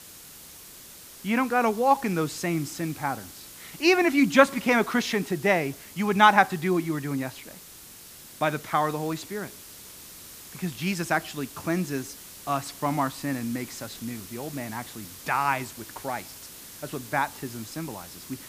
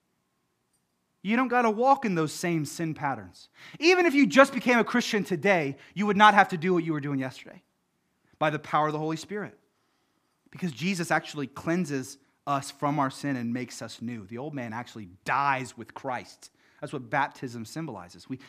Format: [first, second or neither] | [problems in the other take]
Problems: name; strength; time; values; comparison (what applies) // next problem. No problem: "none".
second | hiss; noticeable; throughout; 15 dB below the speech